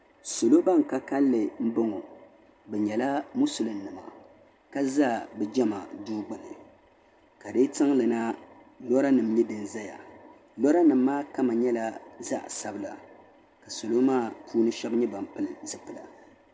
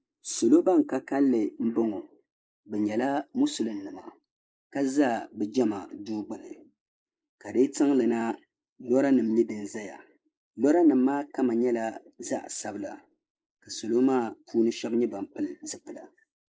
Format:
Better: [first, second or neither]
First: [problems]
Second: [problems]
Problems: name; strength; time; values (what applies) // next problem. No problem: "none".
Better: first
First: none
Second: noise reduction (neural mask model Resemble Enhance denoiser)